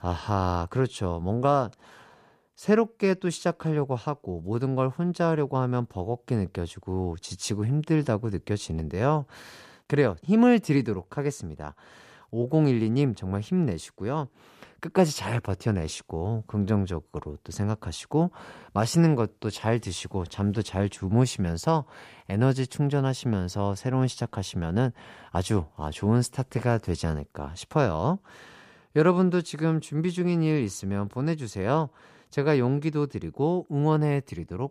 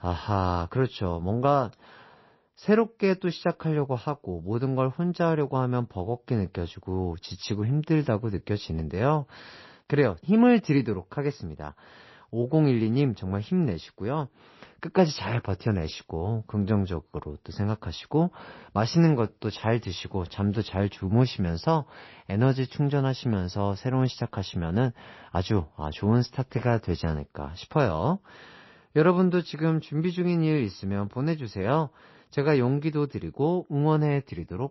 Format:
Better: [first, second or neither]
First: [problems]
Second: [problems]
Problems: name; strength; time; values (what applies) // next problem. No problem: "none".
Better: first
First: none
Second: garbled, watery; slightly; nothing above 5.5 kHz